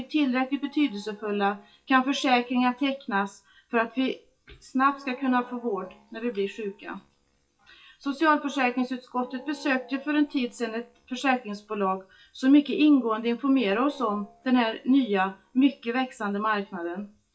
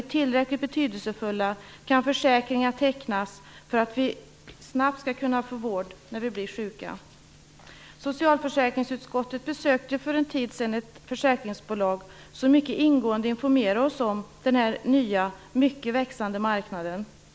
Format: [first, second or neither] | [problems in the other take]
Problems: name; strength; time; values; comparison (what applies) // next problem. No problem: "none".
second | noise reduction (classical method WPE with log-MMSE)